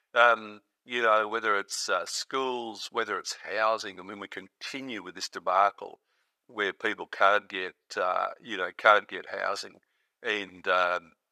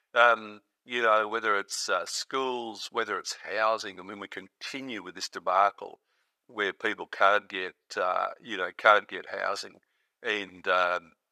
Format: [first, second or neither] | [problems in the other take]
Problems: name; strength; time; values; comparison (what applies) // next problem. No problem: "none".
neither | thin; very; fading below 700 Hz; the same in both